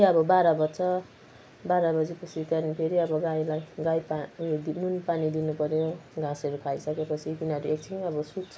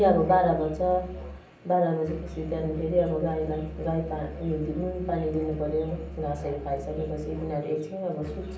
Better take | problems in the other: first | background sound (Musical instrument); 12 dB below the speech // room echo; dies away in 0.6 s

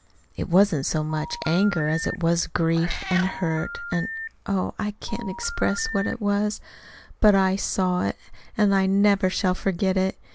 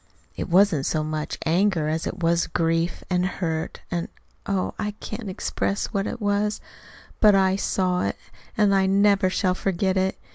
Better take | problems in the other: second | background sound (Meow + Telephone); 11 dB below the speech

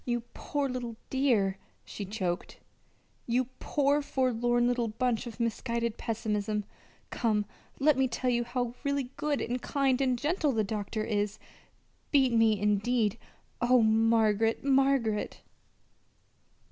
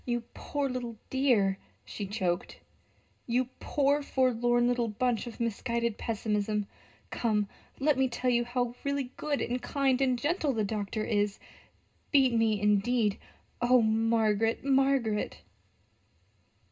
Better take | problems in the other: first | room echo; dies away in 0.2 s

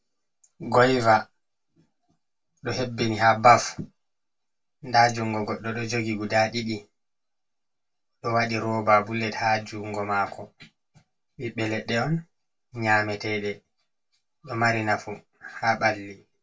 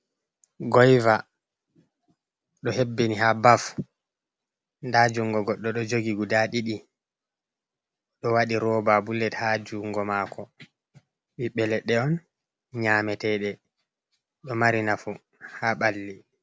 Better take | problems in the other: second | room echo; dies away in 0.1 s

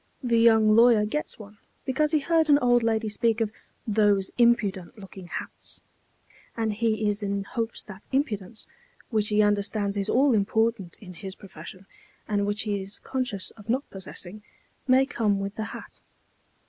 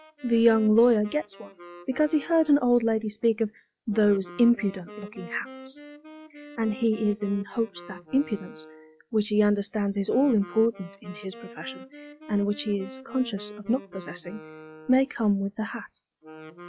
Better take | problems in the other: first | noise reduction (classical method log-MMSE)

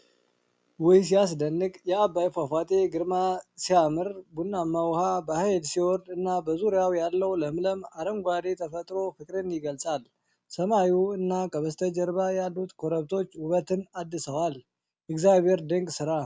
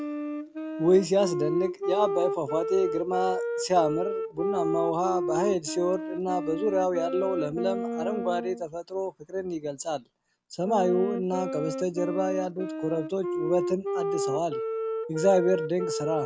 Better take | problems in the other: first | background sound (Wind instrument, woodwind instrument); 4 dB below the speech

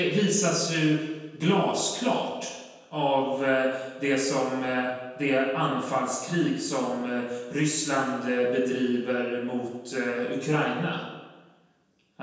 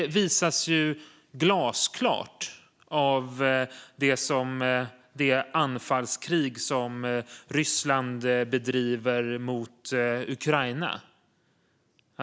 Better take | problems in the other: second | room echo; dies away in 1.2 s

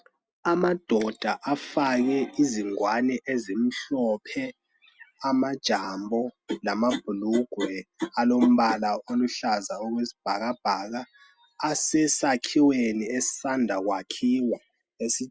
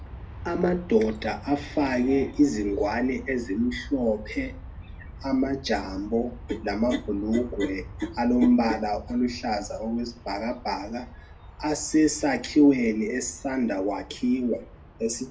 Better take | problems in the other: first | background sound (Aircraft); 16 dB below the speech // room echo; dies away in 0.3 s

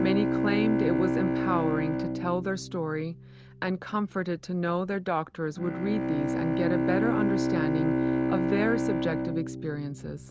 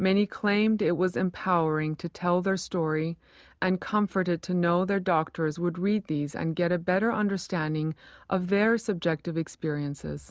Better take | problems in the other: second | background sound (Bowed string instrument); 1 dB above the speech

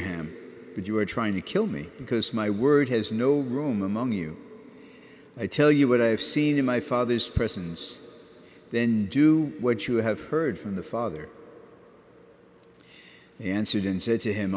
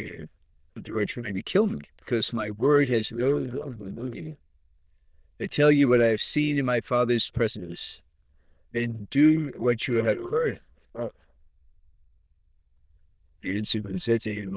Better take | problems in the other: first | noise reduction (neural diffusion model UNIVERSE++)

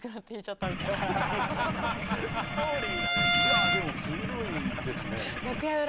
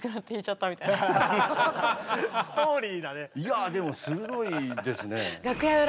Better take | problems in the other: second | background sound (Engine / Boat, Water vehicle + Bowed string instrument); 2 dB above the speech

